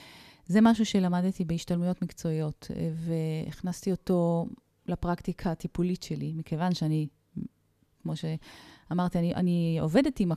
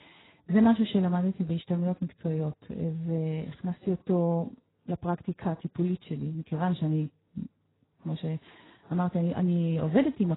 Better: first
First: none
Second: garbled, watery; badly; nothing above 4 kHz

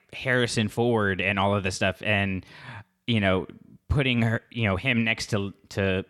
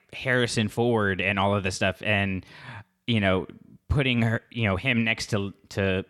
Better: neither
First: none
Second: none

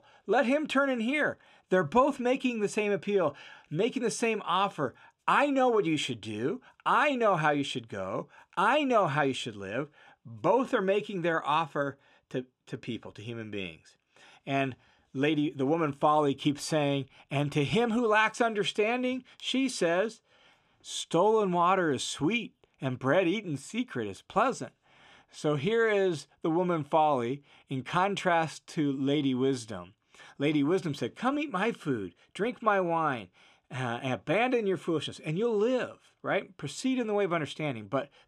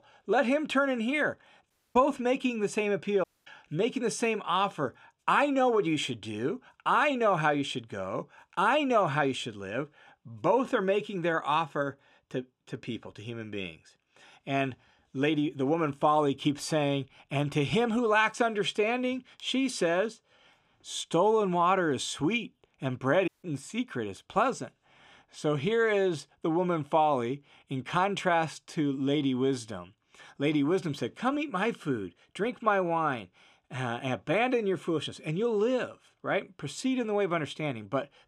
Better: first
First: none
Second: audio cutting out; at 1.5 s, at 3 s and at 23 s

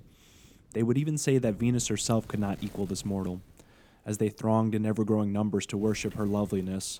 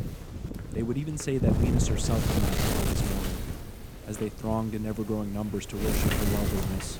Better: first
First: wind noise on the microphone; occasional gusts; 25 dB below the speech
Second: wind noise on the microphone; heavy; 1 dB above the speech

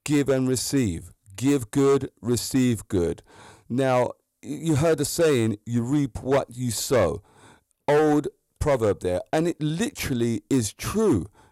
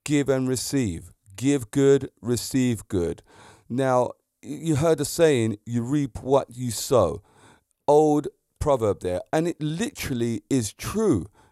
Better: second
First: distortion; slight; 6% of the sound clipped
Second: none

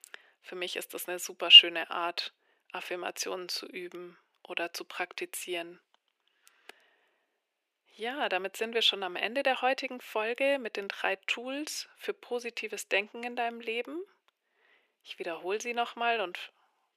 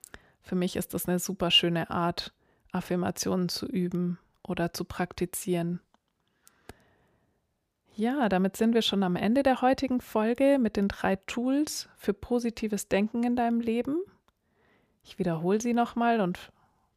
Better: second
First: thin; very; fading below 350 Hz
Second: none

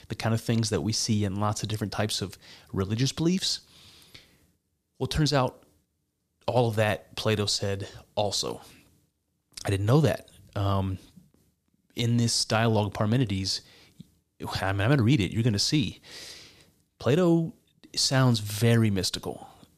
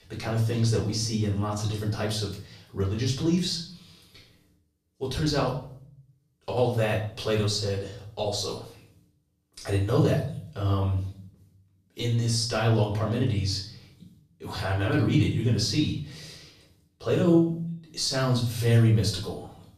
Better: first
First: none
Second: off-mic speech; far // room echo; slight; dies away in 0.5 s

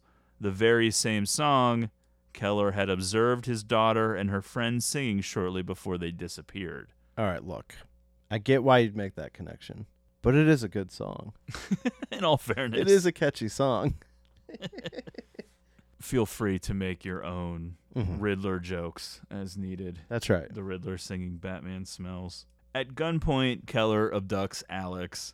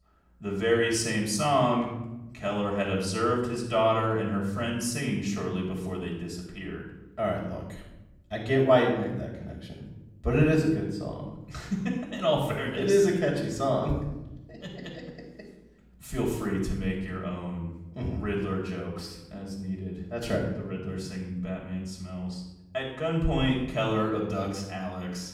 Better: first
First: none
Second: off-mic speech; far // room echo; noticeable; dies away in 0.9 s

